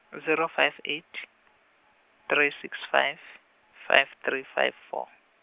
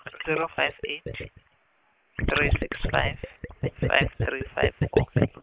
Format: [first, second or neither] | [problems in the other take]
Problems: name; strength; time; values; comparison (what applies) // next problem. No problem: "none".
first | noise reduction (neural mask model Resemble Enhance denoiser)